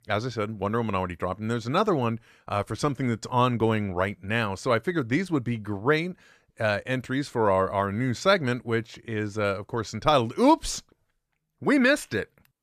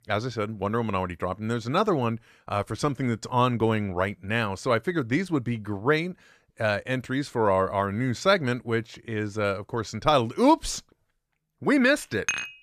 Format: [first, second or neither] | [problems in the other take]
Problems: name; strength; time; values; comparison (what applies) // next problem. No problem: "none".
first | clattering dishes; noticeable; at 12 s; peak 3 dB below the speech